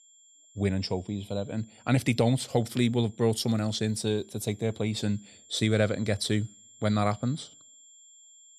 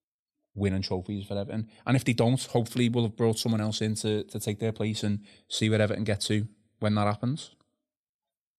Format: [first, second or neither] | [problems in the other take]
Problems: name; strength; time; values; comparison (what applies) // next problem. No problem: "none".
second | high-pitched whine; faint; throughout; 7.5 kHz, 25 dB below the speech